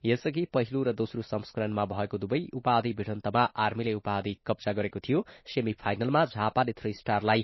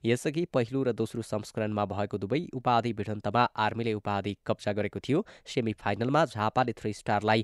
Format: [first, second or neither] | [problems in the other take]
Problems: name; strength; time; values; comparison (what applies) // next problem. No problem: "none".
second | garbled, watery; slightly; nothing above 5.5 kHz